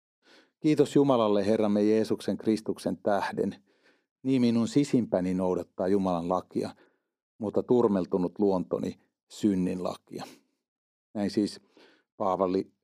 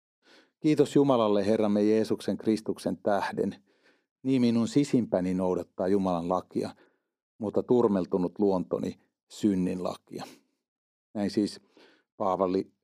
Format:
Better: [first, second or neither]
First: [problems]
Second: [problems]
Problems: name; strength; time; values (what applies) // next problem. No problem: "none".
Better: neither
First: none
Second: none